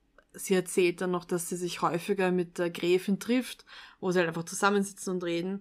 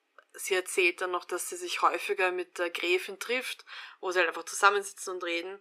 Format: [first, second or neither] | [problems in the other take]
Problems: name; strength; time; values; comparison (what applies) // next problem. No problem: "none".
first | thin; very; fading below 400 Hz